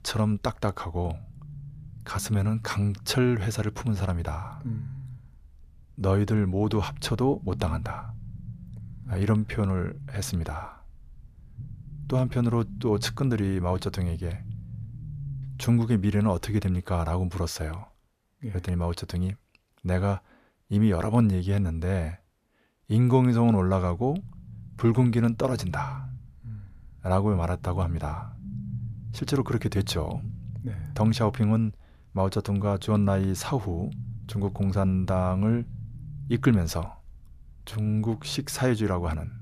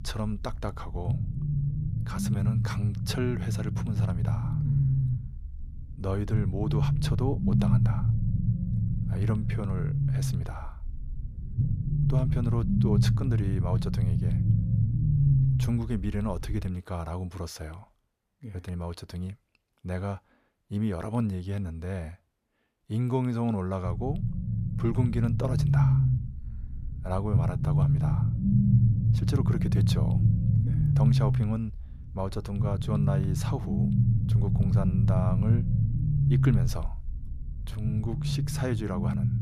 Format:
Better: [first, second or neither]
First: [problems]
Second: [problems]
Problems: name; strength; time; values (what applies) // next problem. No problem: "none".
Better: first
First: low rumble; faint; until 17 s and from 24 s on; 20 dB below the speech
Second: low rumble; loud; until 17 s and from 24 s on; as loud as the speech